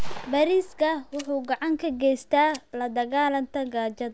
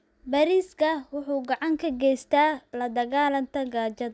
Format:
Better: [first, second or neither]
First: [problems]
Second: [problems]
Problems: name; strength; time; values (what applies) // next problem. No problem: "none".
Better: second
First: background sound (Gunshot, gunfire); 10 dB below the speech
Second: none